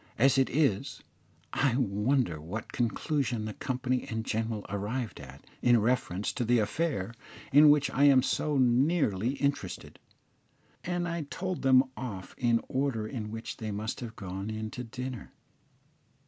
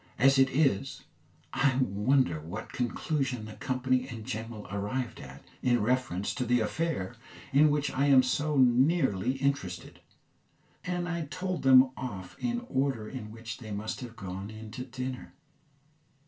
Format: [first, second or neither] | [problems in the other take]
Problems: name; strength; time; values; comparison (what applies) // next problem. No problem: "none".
first | room echo; dies away in 0.2 s